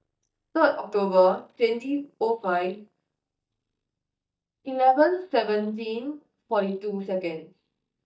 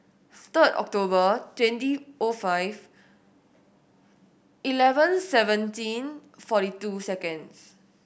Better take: second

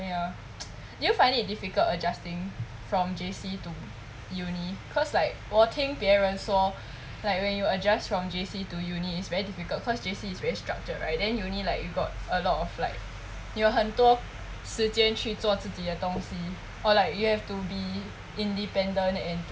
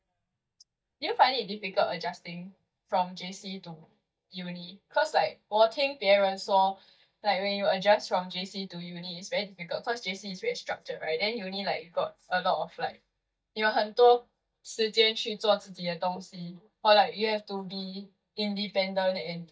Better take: first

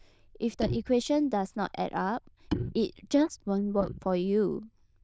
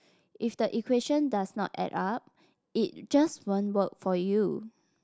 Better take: second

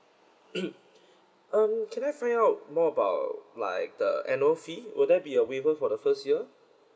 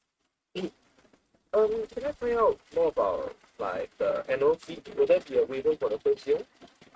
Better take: first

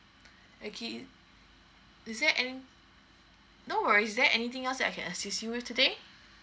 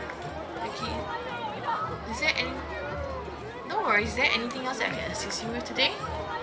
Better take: first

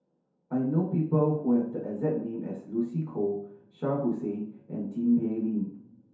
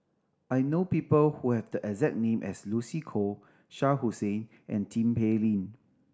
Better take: second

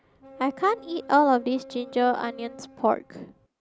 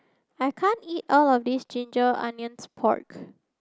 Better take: second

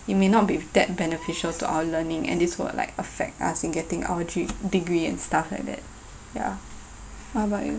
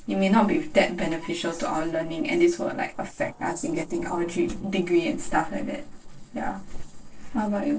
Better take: first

